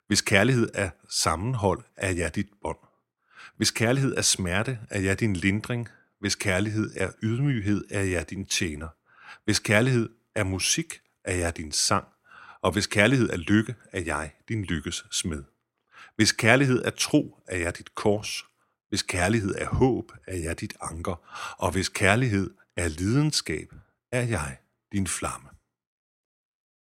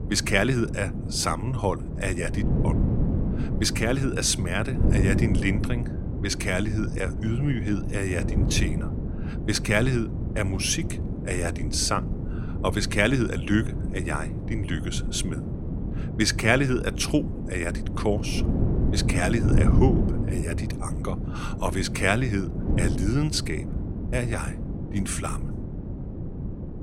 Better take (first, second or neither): first